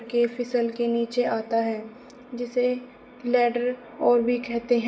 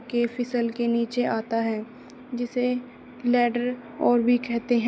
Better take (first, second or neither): second